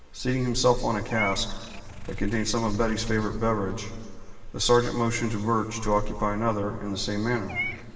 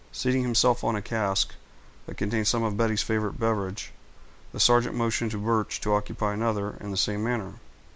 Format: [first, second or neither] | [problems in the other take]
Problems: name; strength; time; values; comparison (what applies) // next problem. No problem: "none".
second | background sound (Meow / Purr); 15 dB below the speech // room echo; dies away in 2.6 s